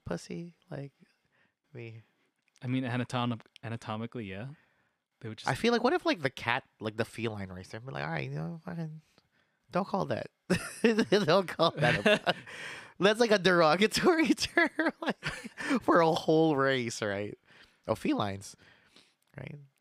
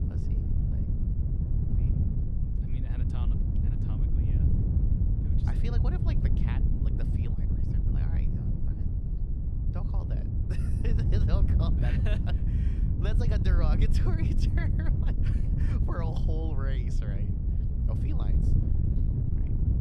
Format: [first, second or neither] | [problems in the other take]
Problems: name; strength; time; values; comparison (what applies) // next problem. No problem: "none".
first | wind noise on the microphone; heavy; 1 dB above the speech